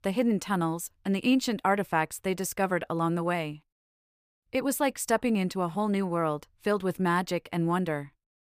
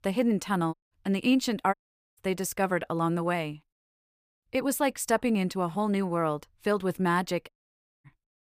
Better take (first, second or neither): first